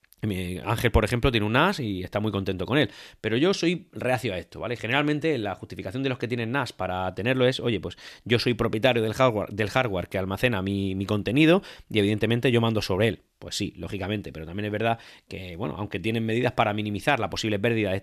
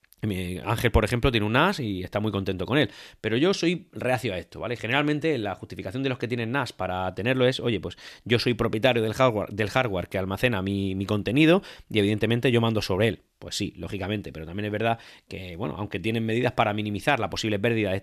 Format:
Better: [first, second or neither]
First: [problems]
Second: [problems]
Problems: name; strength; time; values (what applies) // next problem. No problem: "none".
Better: neither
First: none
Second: none